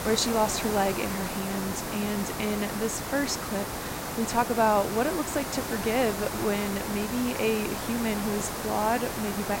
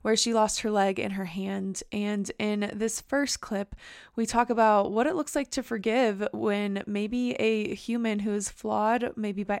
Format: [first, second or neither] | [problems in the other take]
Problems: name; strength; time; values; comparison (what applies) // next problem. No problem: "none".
second | hiss; loud; throughout; 4 dB below the speech